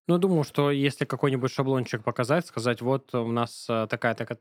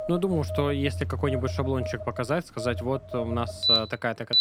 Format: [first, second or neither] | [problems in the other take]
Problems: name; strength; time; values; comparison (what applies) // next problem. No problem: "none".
first | alarms or sirens; very loud; throughout; as loud as the speech